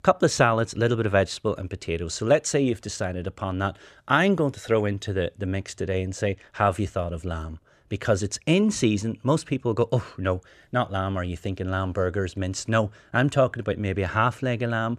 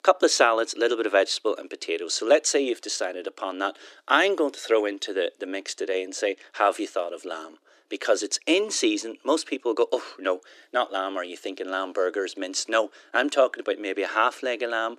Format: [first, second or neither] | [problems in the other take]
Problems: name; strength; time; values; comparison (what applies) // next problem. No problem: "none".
first | thin; somewhat; fading below 300 Hz